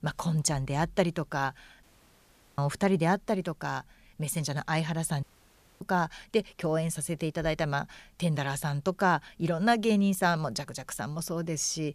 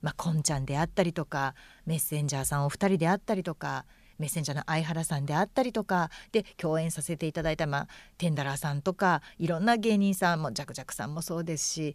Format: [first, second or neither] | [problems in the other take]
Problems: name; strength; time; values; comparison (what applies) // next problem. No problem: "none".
second | audio cutting out; at 2 s for 1 s and at 5 s for 0.5 s